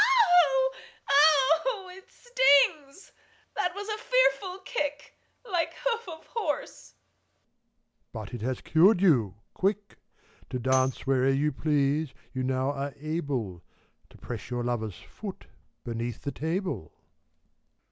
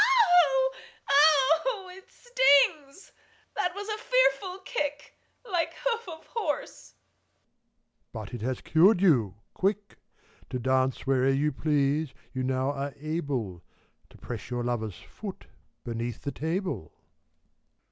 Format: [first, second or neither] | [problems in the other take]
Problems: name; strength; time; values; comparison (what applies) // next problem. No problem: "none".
second | background sound (Tambourine); 16 dB below the speech